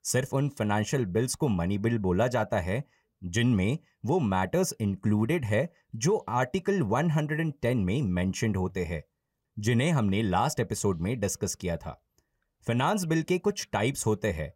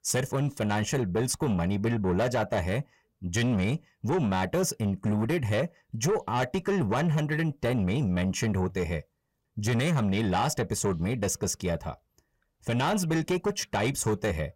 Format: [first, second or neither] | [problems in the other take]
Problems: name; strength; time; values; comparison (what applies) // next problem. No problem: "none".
first | distortion; slight; 10 dB below the speech